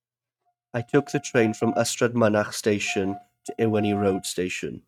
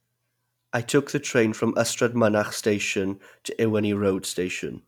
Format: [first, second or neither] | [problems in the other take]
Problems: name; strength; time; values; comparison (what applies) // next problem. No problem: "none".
second | noise reduction (neural mask model RNNoise)